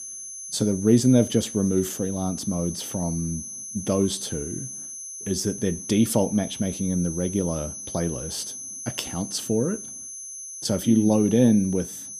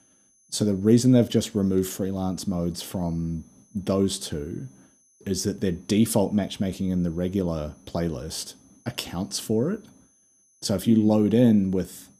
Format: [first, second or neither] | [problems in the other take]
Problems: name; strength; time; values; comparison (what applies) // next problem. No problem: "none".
second | high-pitched whine; loud; throughout; 6 kHz, 9 dB below the speech; faint in the second